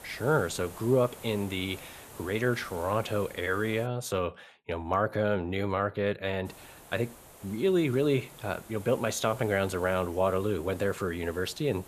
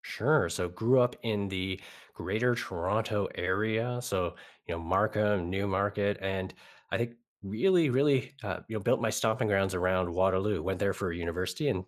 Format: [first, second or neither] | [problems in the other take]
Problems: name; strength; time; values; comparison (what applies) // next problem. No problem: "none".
second | hiss; noticeable; until 4 s and from 6.5 s on; 20 dB below the speech